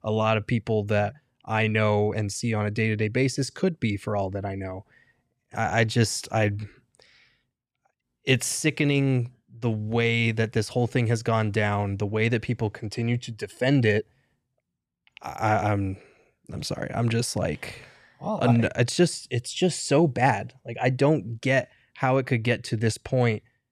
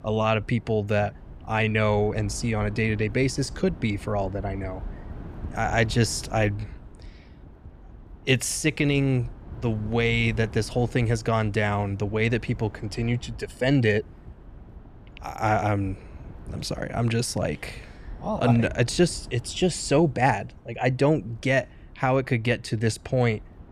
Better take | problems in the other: first | wind noise on the microphone; occasional gusts; 25 dB below the speech

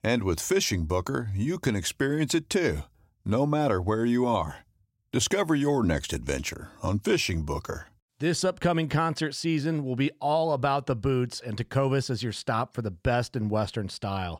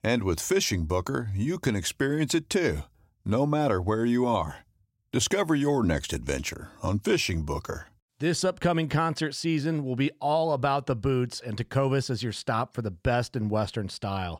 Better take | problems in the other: neither | none

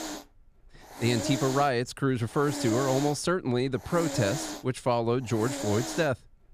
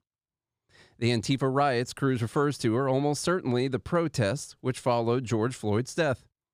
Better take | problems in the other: second | hiss; loud; throughout; 8 dB below the speech

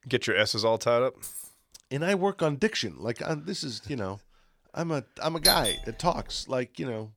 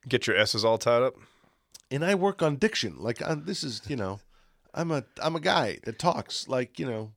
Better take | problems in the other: second | jangling keys; faint; at 1 s; peak 10 dB below the speech // doorbell; loud; at 5.5 s; peak 6 dB above the speech

